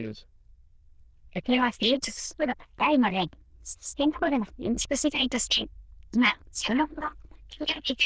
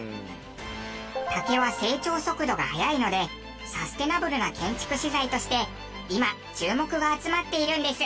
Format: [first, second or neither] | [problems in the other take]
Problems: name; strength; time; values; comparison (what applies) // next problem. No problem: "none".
second | noise reduction (neural diffusion model UNIVERSE++)